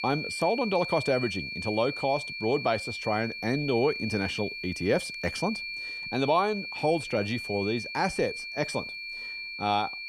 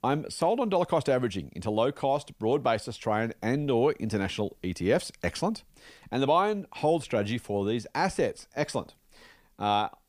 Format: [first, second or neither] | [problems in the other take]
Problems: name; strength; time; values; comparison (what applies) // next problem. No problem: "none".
second | high-pitched whine; loud; throughout; 2.5 kHz, 5 dB below the speech